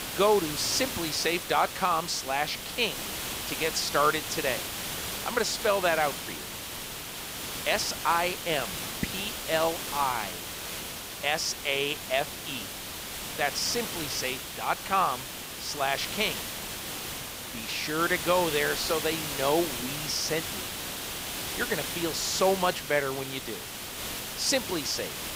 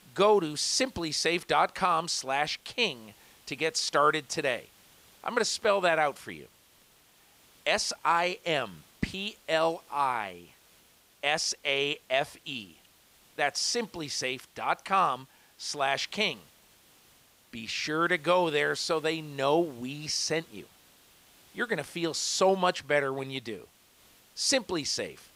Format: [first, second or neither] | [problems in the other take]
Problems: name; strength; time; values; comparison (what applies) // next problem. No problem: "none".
second | hiss; loud; throughout; 5 dB below the speech; faint in the second